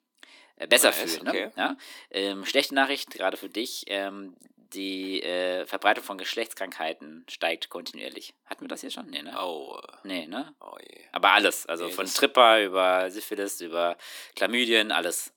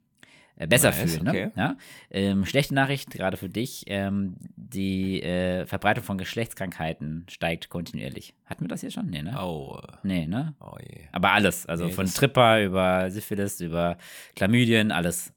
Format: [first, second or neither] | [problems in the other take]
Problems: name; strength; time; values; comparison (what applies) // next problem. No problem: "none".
second | thin; somewhat; fading below 300 Hz